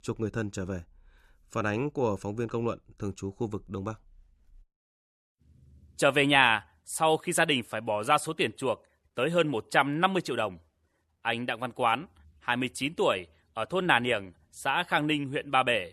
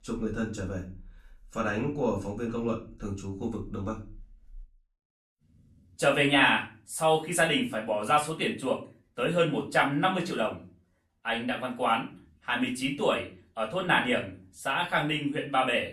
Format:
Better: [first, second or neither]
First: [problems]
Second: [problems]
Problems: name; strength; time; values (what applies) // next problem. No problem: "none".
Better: first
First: none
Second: room echo; slight; dies away in 0.3 s // off-mic speech; far